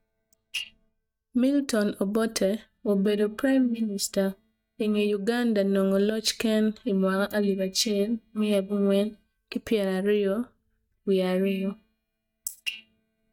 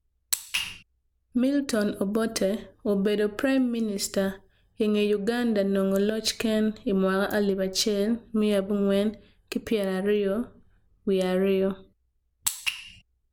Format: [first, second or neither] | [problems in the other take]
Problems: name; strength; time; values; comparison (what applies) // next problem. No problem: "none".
second | noise reduction (neural mask model DeepFilterNet 3)